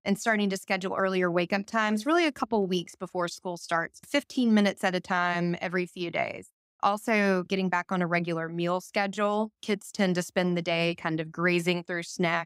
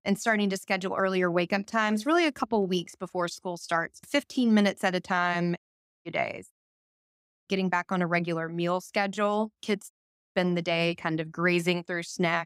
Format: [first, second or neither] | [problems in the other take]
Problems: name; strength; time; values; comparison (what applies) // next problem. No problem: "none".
first | audio cutting out; at 5.5 s, at 6.5 s for 1 s and at 10 s